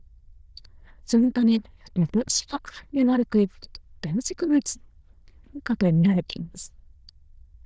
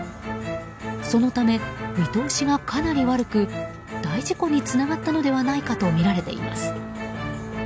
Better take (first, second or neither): second